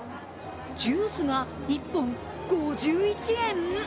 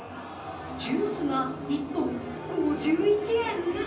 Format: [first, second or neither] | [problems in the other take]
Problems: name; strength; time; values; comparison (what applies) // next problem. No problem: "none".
first | background sound (Crowd); 18 dB below the speech // room echo; dies away in 0.6 s